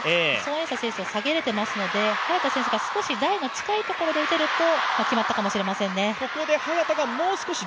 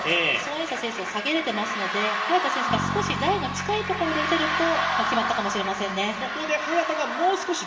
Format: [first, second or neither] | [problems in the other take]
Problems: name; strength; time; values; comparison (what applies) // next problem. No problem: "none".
first | background sound (Bass guitar); 14 dB below the speech // room echo; dies away in 1.6 s